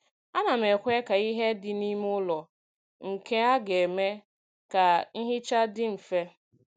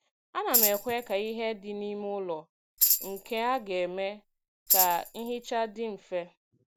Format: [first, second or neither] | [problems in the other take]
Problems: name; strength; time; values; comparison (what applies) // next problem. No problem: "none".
first | background sound (Tambourine); 1 dB above the speech